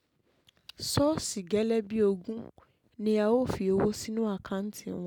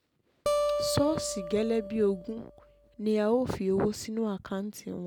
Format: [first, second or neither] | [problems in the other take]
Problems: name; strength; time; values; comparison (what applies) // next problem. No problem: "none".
first | background sound (Acoustic guitar); 4 dB below the speech